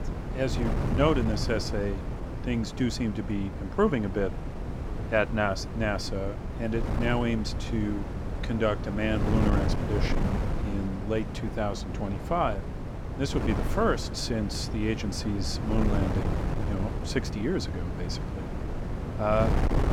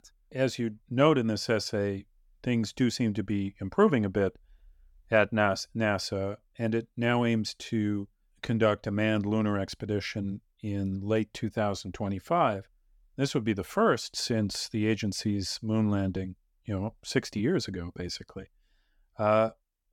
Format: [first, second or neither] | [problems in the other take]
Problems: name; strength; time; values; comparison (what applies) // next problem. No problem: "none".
second | wind noise on the microphone; heavy; 7 dB below the speech